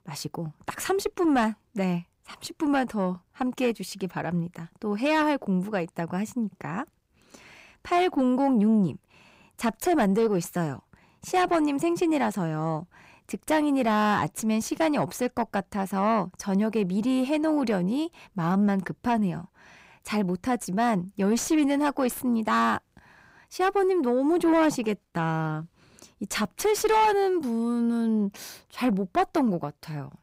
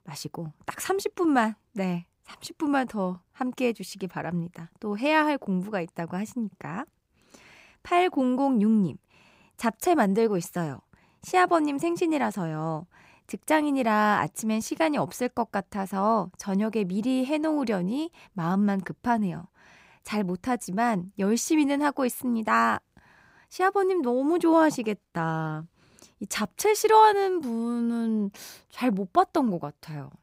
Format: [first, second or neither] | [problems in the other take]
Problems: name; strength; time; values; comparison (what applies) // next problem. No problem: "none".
second | distortion; slight; 10 dB below the speech